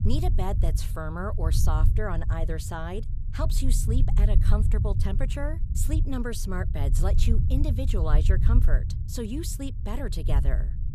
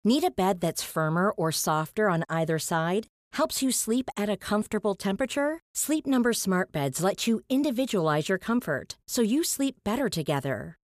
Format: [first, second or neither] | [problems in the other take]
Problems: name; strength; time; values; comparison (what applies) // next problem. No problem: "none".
second | low rumble; loud; throughout; 8 dB below the speech